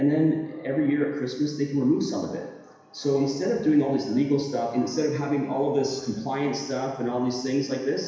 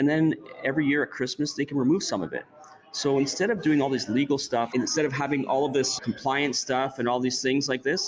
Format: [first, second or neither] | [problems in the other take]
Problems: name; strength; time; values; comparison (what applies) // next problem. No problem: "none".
second | room echo; dies away in 1 s